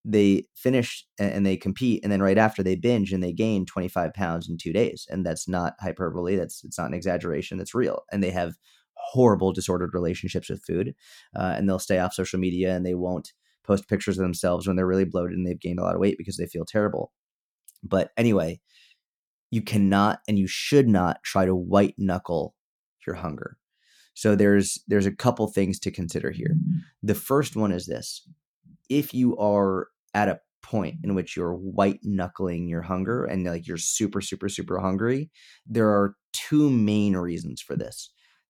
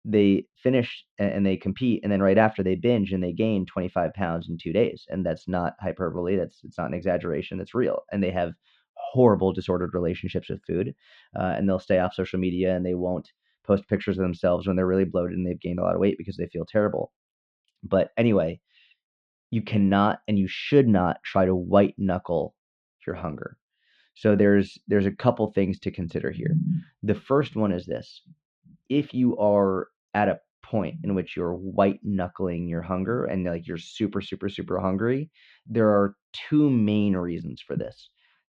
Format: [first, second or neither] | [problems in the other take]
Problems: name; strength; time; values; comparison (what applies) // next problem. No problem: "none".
first | muffled; very; fading above 3.5 kHz